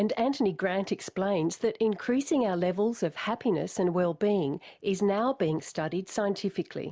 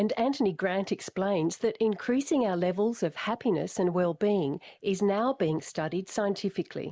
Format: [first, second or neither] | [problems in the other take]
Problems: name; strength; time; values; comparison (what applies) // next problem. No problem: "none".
first | noise reduction (neural mask model Resemble Enhance denoiser)